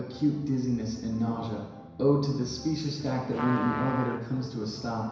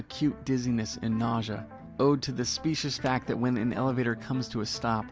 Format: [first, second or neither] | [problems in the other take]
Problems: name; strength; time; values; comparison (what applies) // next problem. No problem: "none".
second | background sound (Trumpet); 10 dB below the speech // room echo; dies away in 1 s